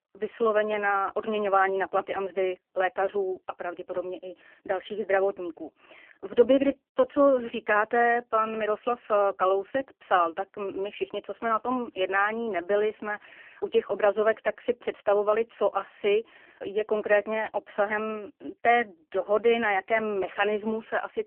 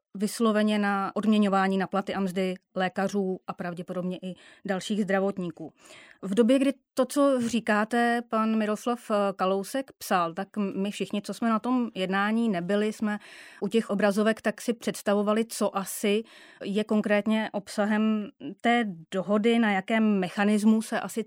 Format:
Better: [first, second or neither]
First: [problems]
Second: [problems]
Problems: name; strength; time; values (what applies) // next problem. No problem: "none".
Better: second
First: phone-call audio; poor line; nothing above 3 kHz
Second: none